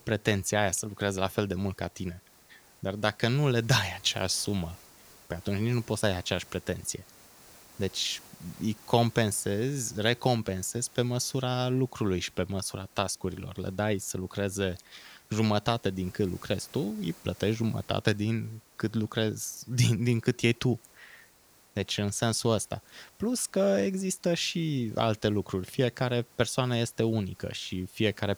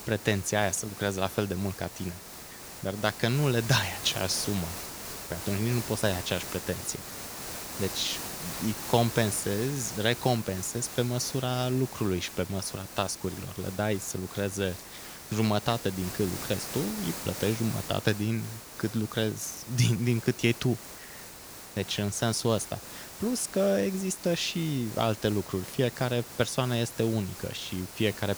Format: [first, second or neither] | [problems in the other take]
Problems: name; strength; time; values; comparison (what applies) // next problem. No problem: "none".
first | hiss; loud; throughout; 10 dB below the speech; faint in the first